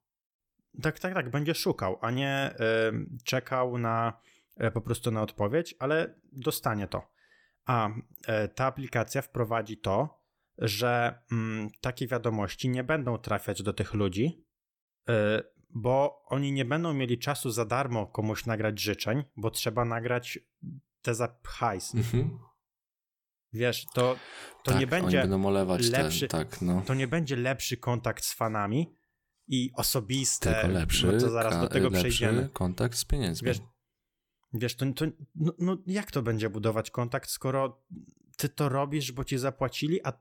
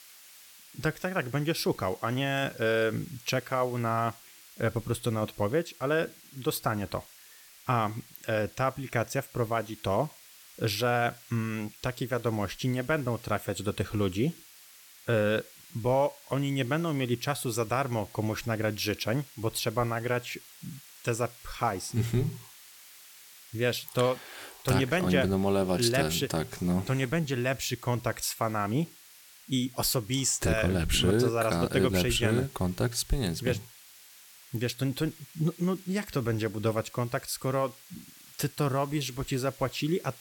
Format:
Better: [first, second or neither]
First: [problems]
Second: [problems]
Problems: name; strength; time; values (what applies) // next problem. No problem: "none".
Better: first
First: none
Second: hiss; faint; throughout; 20 dB below the speech